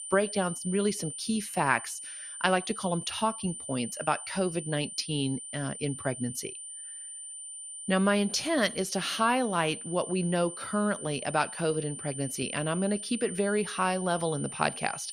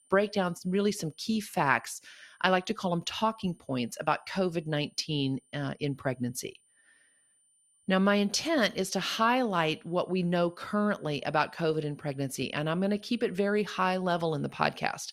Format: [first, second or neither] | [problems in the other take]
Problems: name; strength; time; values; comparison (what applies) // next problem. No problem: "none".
second | high-pitched whine; loud; throughout; 9 kHz, 9 dB below the speech; faint in the second